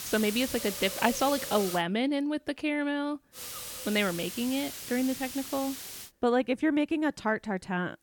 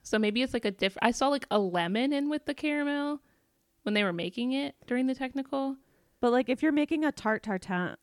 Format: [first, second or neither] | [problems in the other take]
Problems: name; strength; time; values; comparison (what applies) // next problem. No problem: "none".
second | hiss; loud; until 2 s and from 3.5 to 6 s; 7 dB below the speech